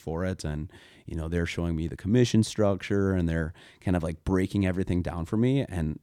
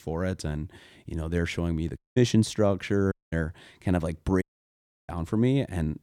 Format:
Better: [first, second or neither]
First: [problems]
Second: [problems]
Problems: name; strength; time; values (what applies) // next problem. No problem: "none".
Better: first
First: none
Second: audio cutting out; at 2 s, at 3 s and at 4.5 s for 0.5 s